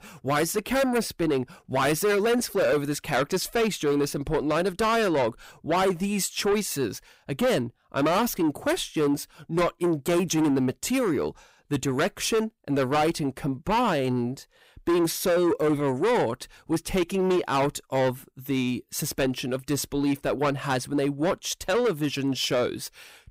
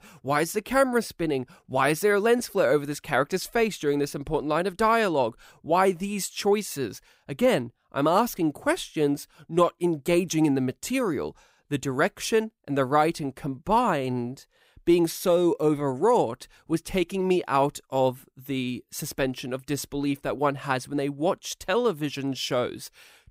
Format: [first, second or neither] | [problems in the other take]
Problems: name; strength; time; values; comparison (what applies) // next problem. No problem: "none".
second | distortion; heavy; 8 dB below the speech